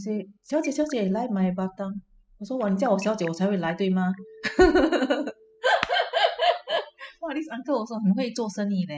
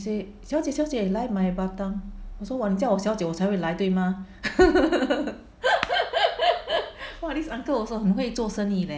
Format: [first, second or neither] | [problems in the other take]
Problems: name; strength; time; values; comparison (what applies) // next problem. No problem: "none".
second | noise reduction (classical method spectral subtraction)